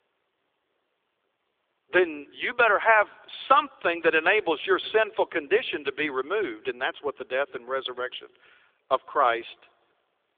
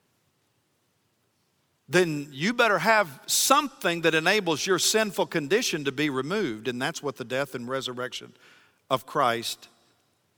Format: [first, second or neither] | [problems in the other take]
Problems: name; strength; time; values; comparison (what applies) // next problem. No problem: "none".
second | phone-call audio; nothing above 3.5 kHz